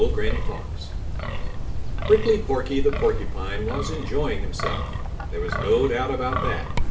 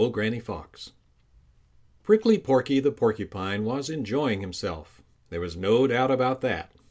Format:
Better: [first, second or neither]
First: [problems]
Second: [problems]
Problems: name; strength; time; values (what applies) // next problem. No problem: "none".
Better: second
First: background sound (Wind); 1 dB above the speech // room echo; dies away in 0.4 s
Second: none